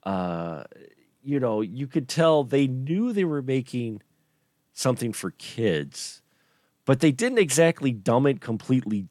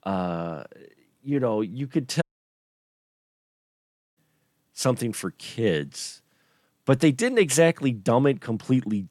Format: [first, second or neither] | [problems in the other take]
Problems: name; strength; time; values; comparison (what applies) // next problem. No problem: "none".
first | audio cutting out; at 2 s for 2 s